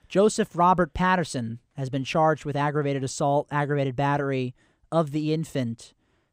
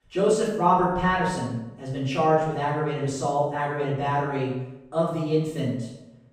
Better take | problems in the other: first | off-mic speech; far // room echo; noticeable; dies away in 0.8 s

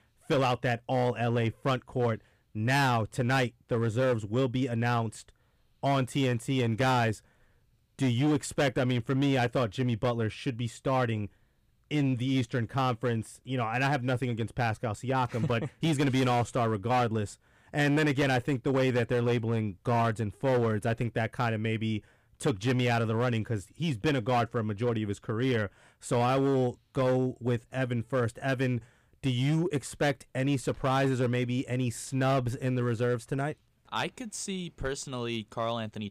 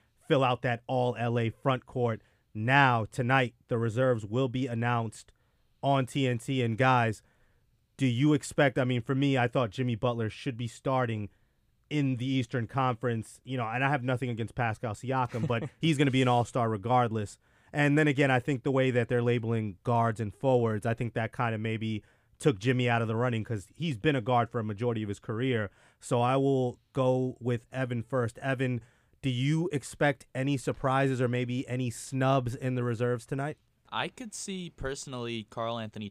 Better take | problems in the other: second | distortion; slight; 8% of the sound clipped

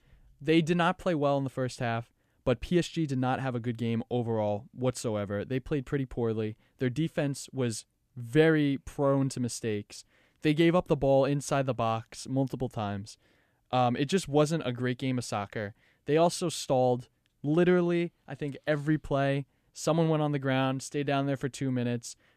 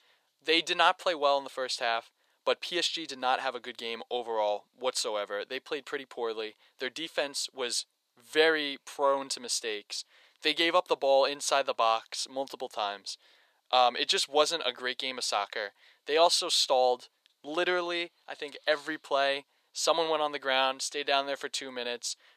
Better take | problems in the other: first | thin; very; fading below 500 Hz

